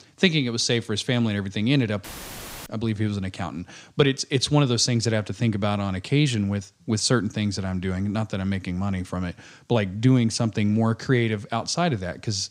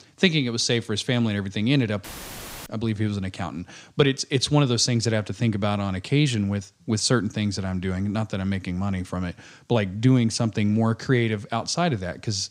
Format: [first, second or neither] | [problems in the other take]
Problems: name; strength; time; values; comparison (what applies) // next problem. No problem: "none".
neither | audio cutting out; filled with static; at 2 s for 0.5 s; the same in both